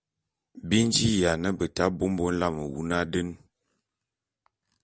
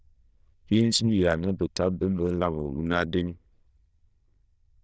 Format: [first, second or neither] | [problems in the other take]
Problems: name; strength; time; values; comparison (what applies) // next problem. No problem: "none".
first | noise reduction (neural diffusion model UNIVERSE++)